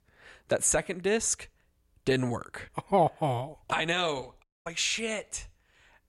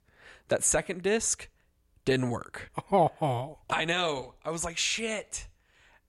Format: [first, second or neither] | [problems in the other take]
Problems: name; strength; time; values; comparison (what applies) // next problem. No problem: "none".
second | audio cutting out; at 4.5 s